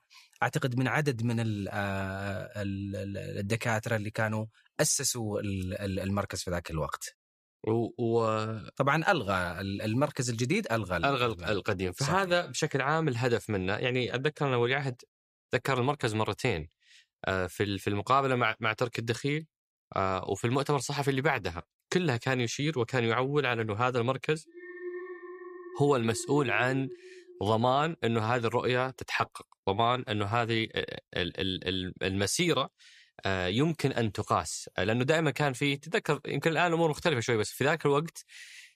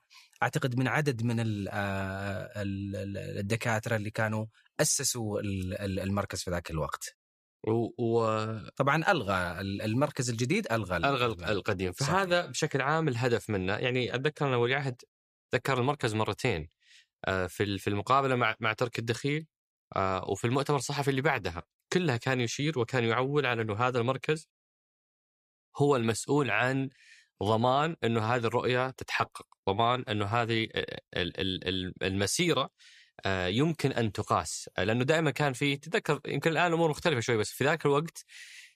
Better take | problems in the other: second | alarm; faint; from 24 to 28 s; peak 10 dB below the speech

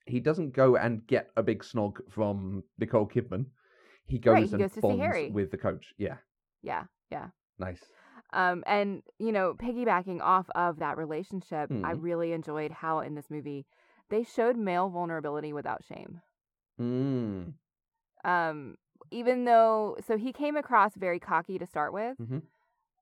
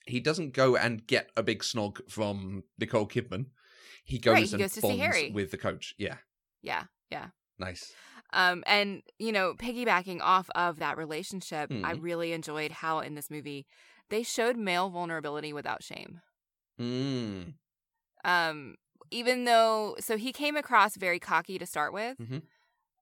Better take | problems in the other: second | muffled; very; fading above 2 kHz

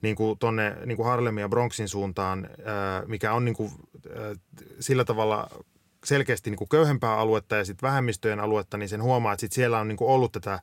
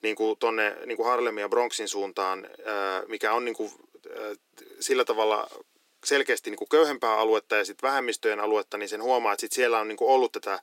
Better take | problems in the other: first | thin; very; fading below 300 Hz

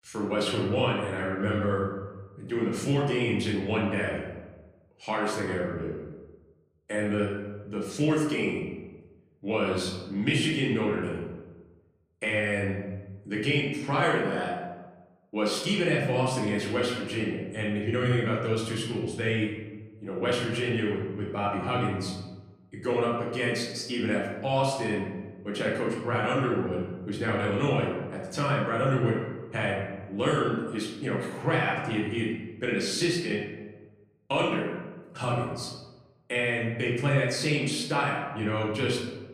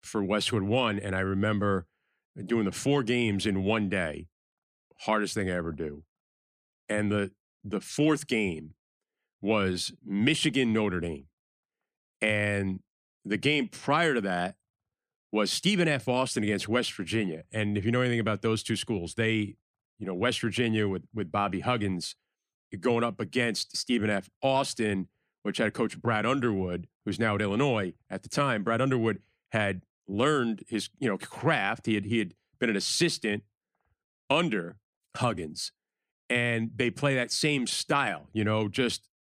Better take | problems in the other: second | room echo; noticeable; dies away in 1 s // off-mic speech; far

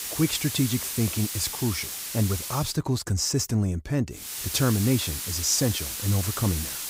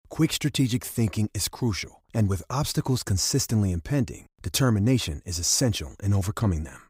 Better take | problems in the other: second | hiss; loud; until 2.5 s and from 4 s on; 4 dB below the speech

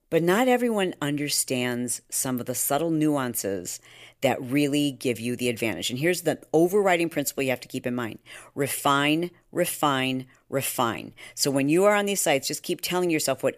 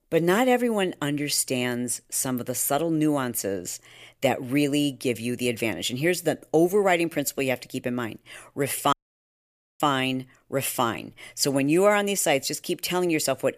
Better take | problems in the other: first | audio cutting out; at 9 s for 1 s

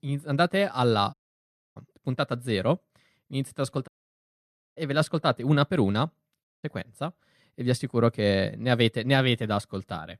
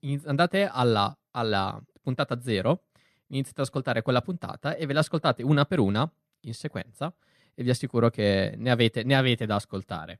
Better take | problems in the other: second | audio cutting out; at 1 s for 0.5 s, at 4 s for 1 s and at 6.5 s

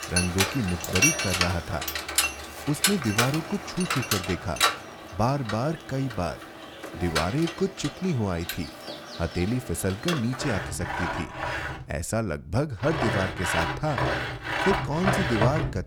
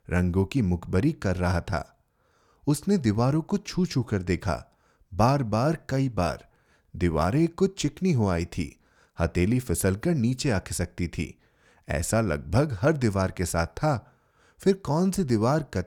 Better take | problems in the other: second | machinery noise; very loud; throughout; 1 dB above the speech

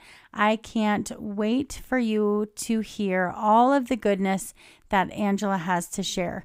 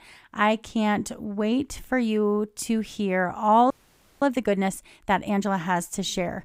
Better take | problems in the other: first | audio freezing; at 3.5 s for 0.5 s

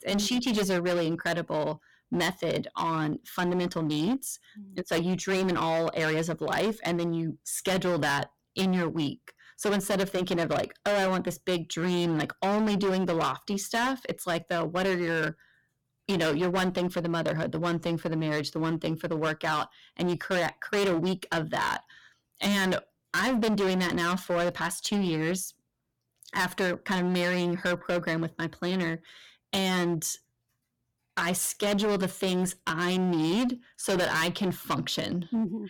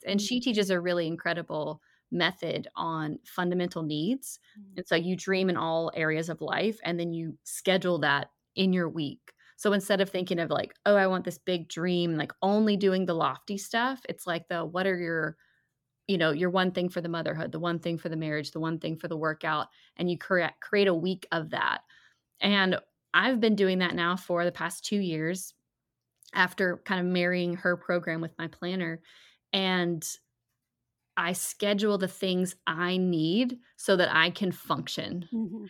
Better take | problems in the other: second | distortion; heavy; 18% of the sound clipped

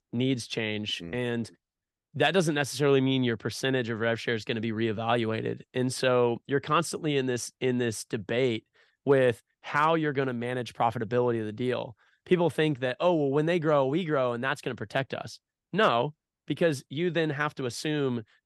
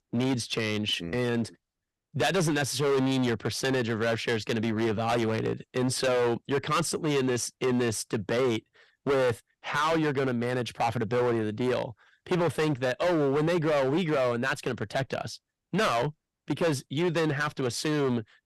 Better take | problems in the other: first | distortion; heavy; 15% of the sound clipped

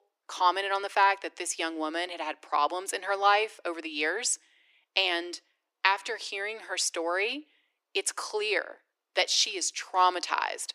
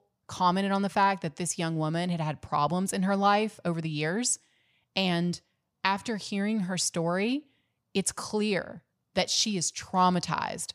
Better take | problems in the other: second | thin; very; fading below 300 Hz

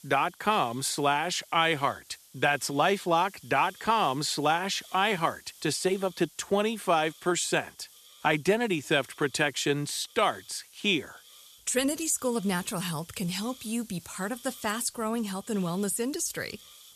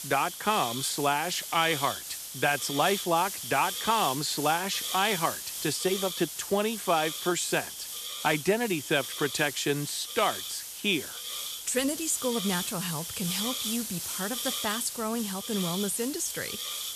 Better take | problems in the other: first | hiss; loud; throughout; 5 dB below the speech; faint in the first

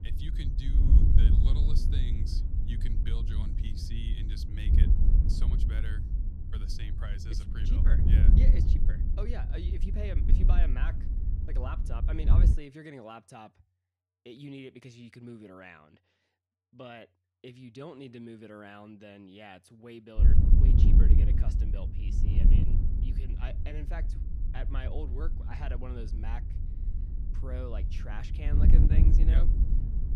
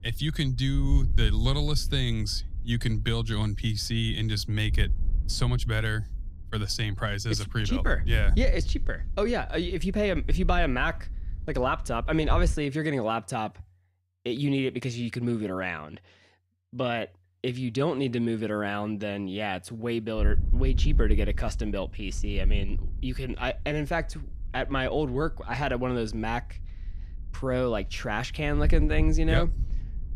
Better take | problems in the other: second | wind noise on the microphone; heavy; until 13 s and from 20 s on; as loud as the speech; occasional gusts in the second

